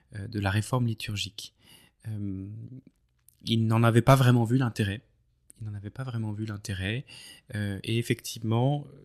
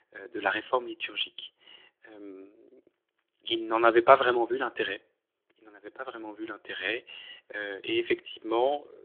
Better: first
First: none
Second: phone-call audio; nothing above 3.5 kHz

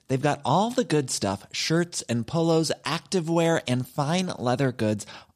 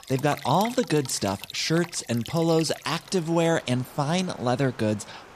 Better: first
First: none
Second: rain or running water; noticeable; throughout; 15 dB below the speech

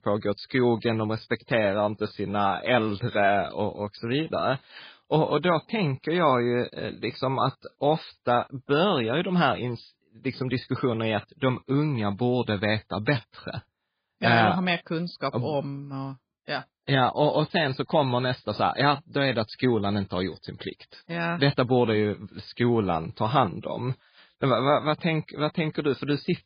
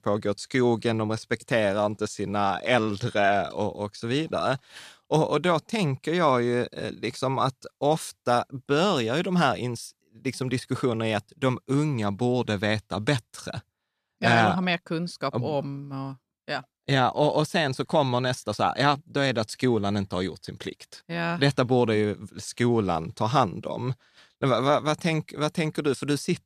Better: second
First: garbled, watery; badly; nothing above 4 kHz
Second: none

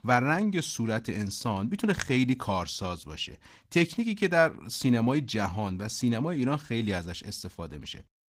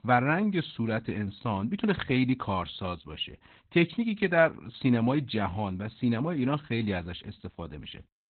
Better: first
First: garbled, watery; slightly; nothing above 15.5 kHz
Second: garbled, watery; badly; nothing above 4 kHz

